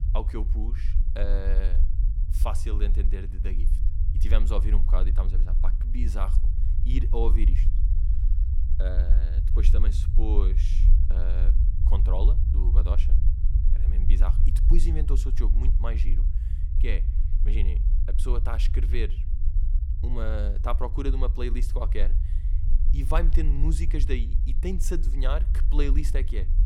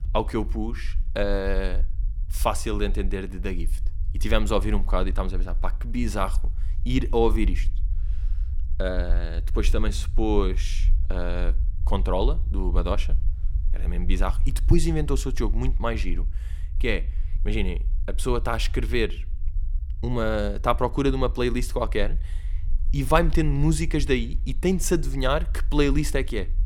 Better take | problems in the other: second | low rumble; loud; throughout; 9 dB below the speech; faint in the second

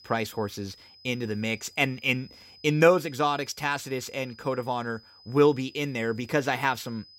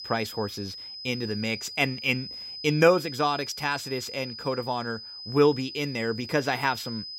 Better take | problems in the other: first | high-pitched whine; loud; throughout; 5 kHz, 10 dB below the speech; faint in the first

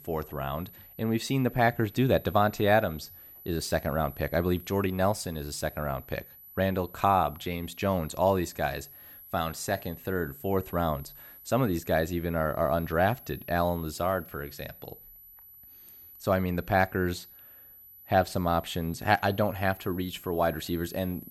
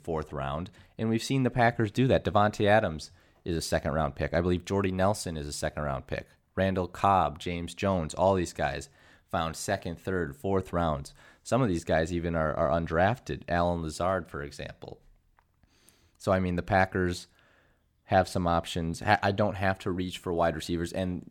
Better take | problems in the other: second | high-pitched whine; noticeable; throughout; 12 kHz, 20 dB below the speech

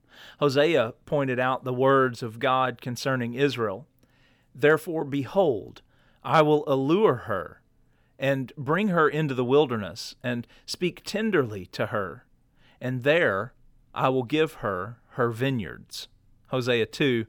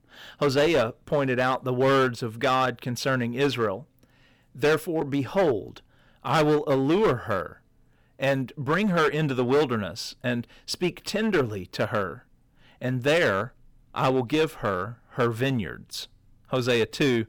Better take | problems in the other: first | distortion; slight; 8% of the sound clipped

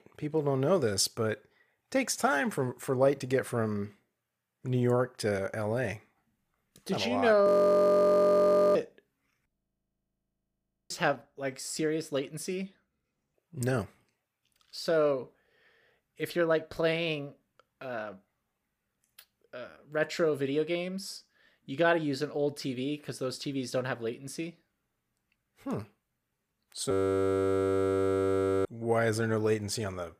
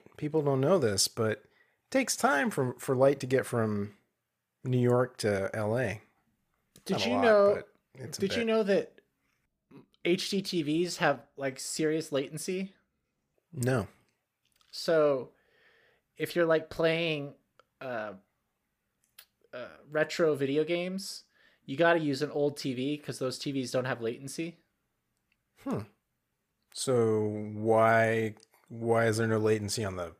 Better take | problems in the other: second | audio freezing; at 7.5 s for 1.5 s, at 9.5 s for 1.5 s and at 27 s for 1.5 s

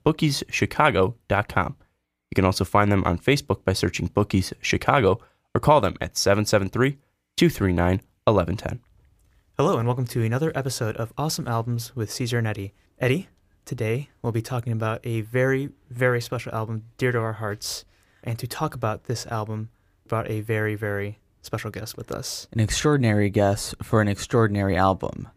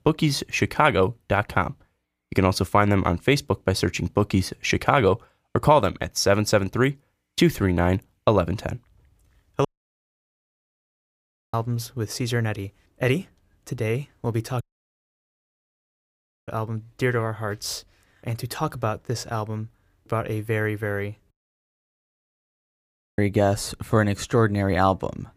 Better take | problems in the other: first | audio cutting out; at 9.5 s for 2 s, at 15 s for 2 s and at 21 s for 2 s

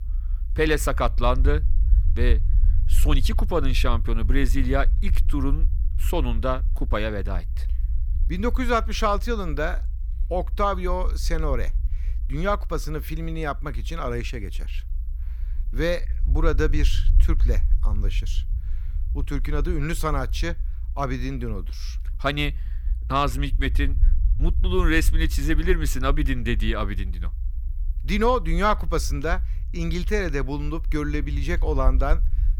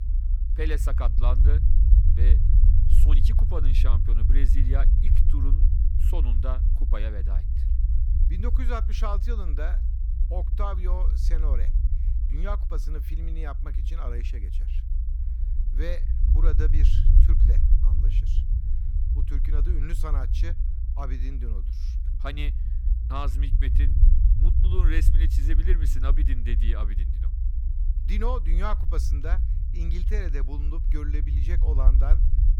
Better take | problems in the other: first | low rumble; loud; throughout; 6 dB below the speech; faint in the first

